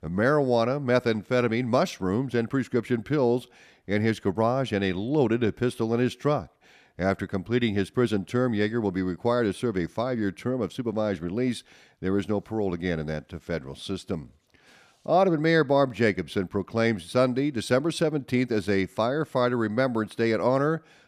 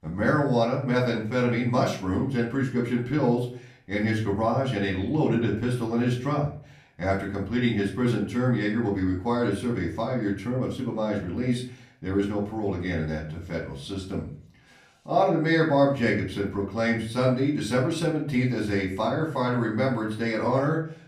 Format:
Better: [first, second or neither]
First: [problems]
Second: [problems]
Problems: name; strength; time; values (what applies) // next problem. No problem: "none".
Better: first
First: none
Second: room echo; slight; dies away in 0.4 s // off-mic speech; far